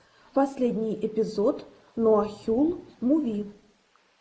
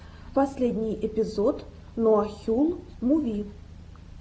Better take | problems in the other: second | noise reduction (neural mask model Resemble Enhance denoiser)

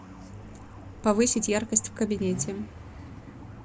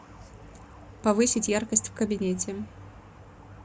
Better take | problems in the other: second | background sound (Idling / Accelerating, revving, vroom / Car); 14 dB below the speech

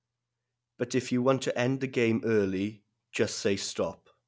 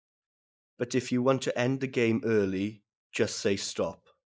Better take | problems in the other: first | noise reduction (neural mask model Resemble Enhance denoiser)

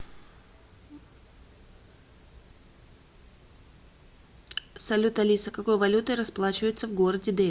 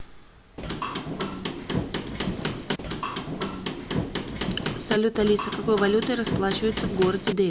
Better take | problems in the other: first | background sound (Hammer / Wood); 2 dB below the speech

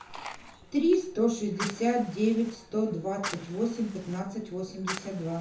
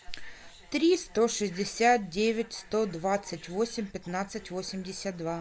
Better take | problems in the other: second | background sound (Fire); 13 dB below the speech // room echo; dies away in 0.7 s

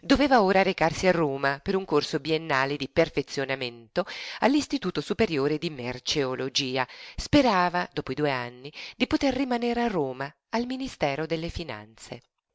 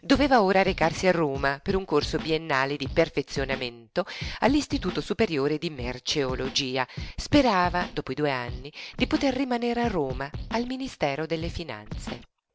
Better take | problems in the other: first | background sound (Scratching (performance technique)); 13 dB below the speech

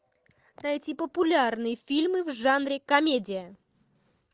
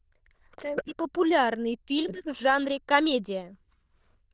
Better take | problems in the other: first | noise reduction (neural diffusion model UNIVERSE++)

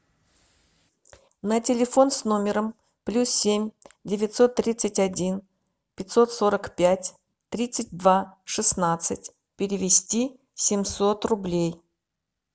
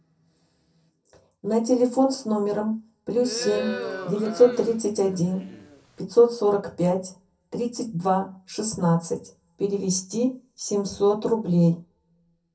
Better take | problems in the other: first | background sound (Crowd); 10 dB below the speech // room echo; dies away in 0.3 s

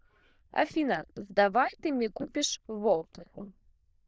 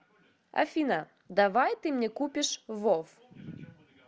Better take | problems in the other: second | noise reduction (neural diffusion model UNIVERSE++)

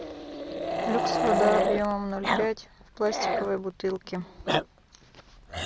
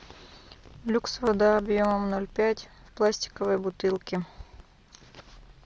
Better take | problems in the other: second | background sound (Growling); 1 dB above the speech

